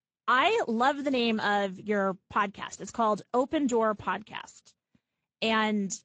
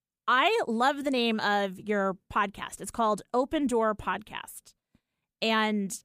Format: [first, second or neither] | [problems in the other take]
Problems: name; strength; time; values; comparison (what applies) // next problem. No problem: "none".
second | garbled, watery; slightly; nothing above 7.5 kHz